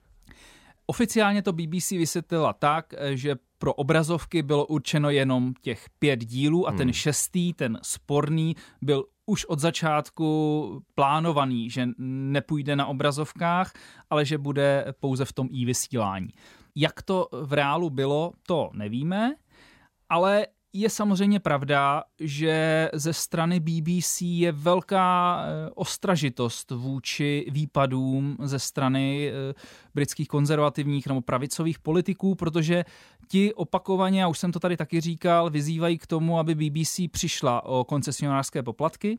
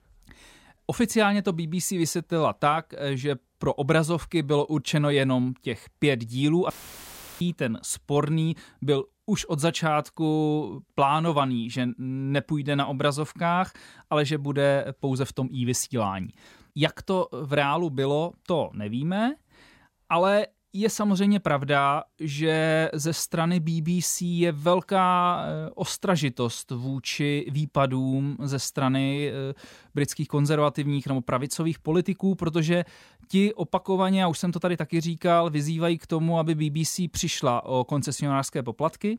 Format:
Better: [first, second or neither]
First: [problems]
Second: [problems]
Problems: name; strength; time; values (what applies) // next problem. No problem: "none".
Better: first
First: none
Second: audio cutting out; filled with static; at 6.5 s for 0.5 s